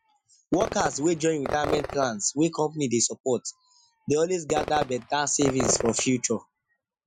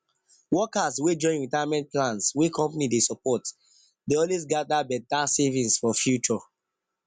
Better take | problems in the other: second | noise reduction (classical method Wiener filter)

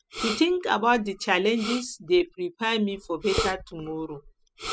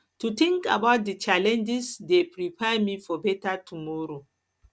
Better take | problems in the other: second | noise reduction (classical method spectral subtraction)

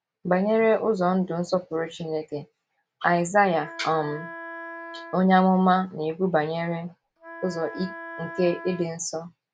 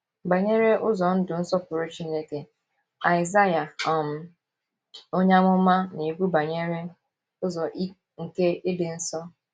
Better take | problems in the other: second | background sound (Wind instrument, woodwind instrument); 14 dB below the speech

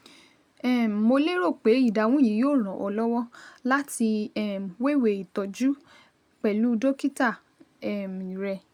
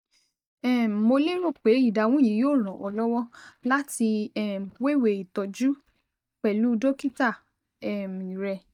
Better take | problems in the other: first | noise reduction (neural mask model DeepFilterNet 3)

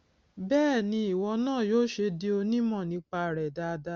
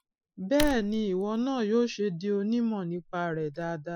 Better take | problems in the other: first | noise reduction (classical method Wiener filter)

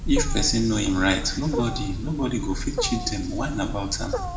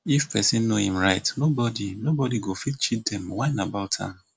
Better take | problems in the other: second | background sound (Wild animals); 3 dB below the speech // room echo; dies away in 1.2 s

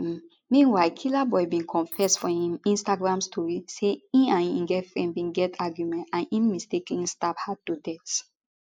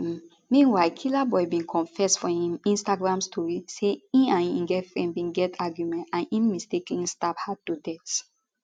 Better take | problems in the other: second | noise reduction (neural mask model Resemble Enhance denoiser)

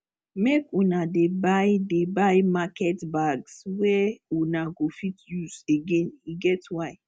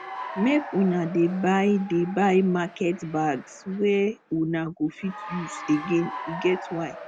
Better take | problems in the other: first | background sound (Applause / Cheering); 14 dB below the speech

